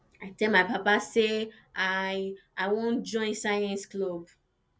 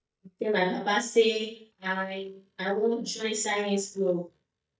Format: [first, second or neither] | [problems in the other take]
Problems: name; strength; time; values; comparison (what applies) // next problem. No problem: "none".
first | noise reduction (neural mask model DeepFilterNet 3)